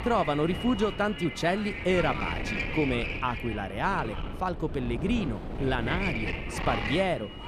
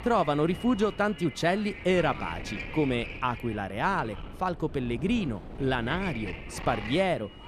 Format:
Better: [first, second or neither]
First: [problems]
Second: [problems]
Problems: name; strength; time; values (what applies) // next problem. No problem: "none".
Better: second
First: wind noise on the microphone; heavy; 4 dB below the speech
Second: wind noise on the microphone; occasional gusts; 10 dB below the speech